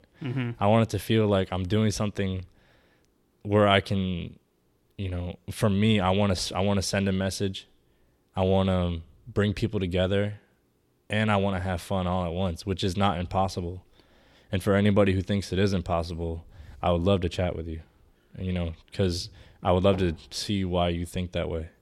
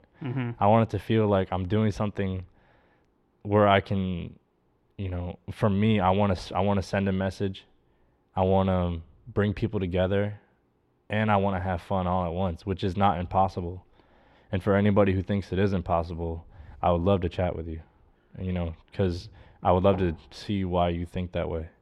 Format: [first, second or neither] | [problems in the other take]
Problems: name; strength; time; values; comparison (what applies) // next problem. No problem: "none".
first | muffled; slightly; fading above 4 kHz